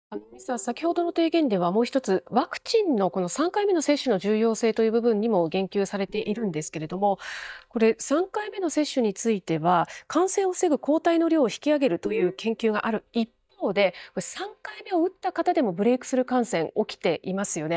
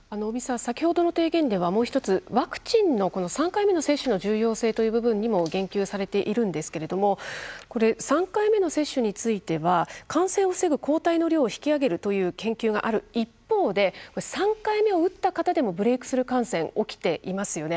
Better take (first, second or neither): second